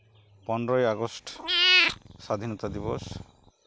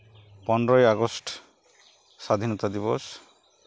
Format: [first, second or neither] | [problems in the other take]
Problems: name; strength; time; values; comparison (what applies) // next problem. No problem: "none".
second | background sound (Meow / Purr); 4 dB above the speech